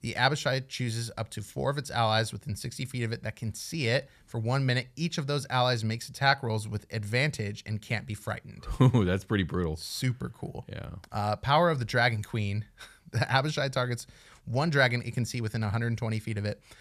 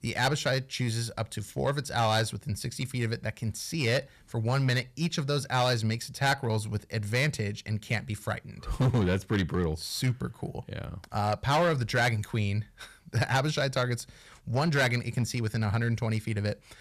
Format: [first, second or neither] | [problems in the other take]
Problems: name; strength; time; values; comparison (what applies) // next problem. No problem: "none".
first | distortion; slight; 5% of the sound clipped